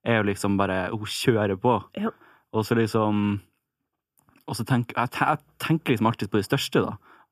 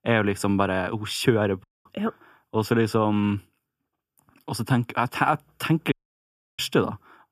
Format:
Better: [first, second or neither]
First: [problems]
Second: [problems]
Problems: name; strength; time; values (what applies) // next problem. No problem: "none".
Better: first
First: none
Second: audio cutting out; at 1.5 s and at 6 s for 0.5 s